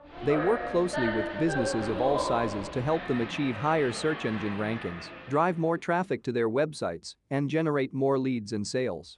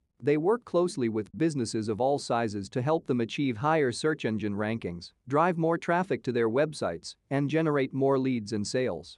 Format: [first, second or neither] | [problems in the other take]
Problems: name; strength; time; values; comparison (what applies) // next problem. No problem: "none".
second | crowd noise; loud; until 5 s; 5 dB below the speech